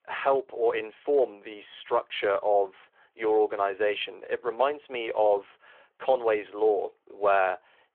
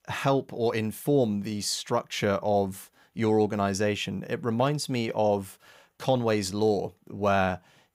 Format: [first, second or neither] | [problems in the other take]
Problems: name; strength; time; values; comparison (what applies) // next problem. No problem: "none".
second | phone-call audio